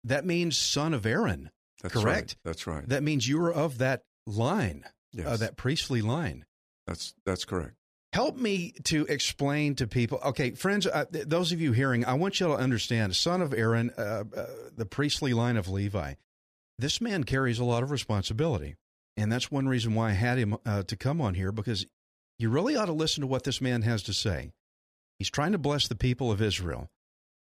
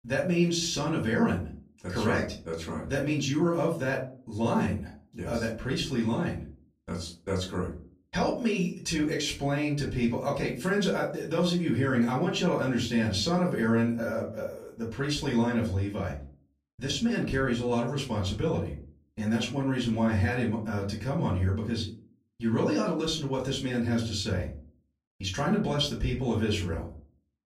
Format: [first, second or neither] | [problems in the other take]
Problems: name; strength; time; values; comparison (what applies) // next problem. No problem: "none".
first | off-mic speech; far // room echo; slight; dies away in 0.4 s